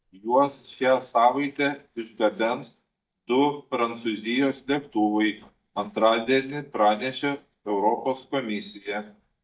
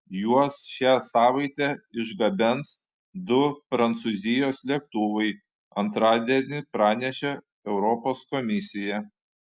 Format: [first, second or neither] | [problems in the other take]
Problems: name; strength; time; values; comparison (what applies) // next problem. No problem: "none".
second | noise reduction (neural mask model DeepFilterNet 3)